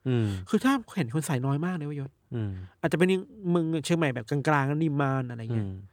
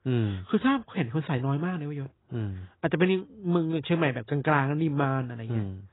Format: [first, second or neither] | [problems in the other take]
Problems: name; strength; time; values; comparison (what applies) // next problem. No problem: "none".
first | garbled, watery; badly; nothing above 4 kHz